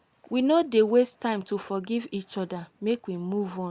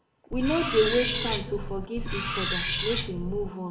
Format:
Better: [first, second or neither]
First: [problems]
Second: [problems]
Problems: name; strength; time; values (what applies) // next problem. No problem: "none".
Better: first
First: none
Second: background sound (Cutlery, silverware); 1 dB below the speech // room echo; dies away in 1.5 s